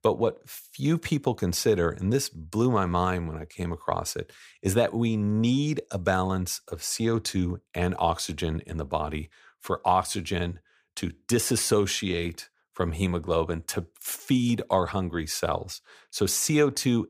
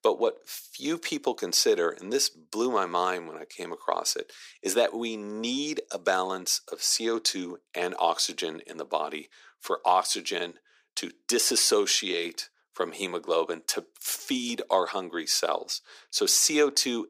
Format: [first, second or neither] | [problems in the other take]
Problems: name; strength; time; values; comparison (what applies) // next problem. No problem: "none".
first | thin; somewhat; fading below 300 Hz